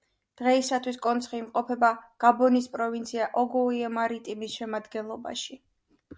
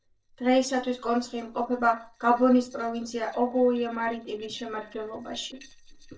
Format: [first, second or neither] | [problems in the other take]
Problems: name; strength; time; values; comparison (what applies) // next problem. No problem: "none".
first | noise reduction (neural separator model SepFormer DNS4)